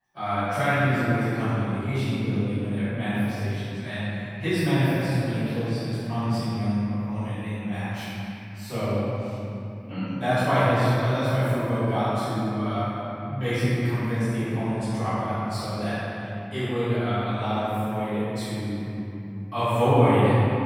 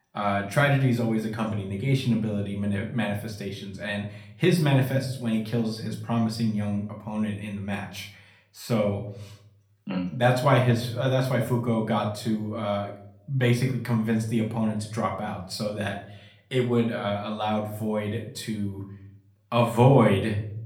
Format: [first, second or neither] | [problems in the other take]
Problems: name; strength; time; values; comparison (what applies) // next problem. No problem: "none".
second | room echo; strong; dies away in 3 s; slight in the second // off-mic speech; far; far in the second